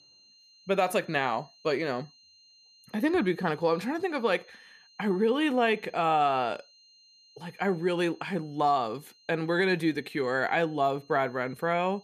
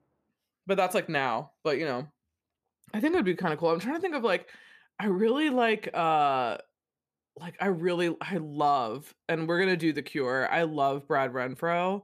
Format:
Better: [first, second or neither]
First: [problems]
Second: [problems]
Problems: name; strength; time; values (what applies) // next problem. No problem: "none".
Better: second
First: high-pitched whine; faint; throughout; 4 kHz, 30 dB below the speech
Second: none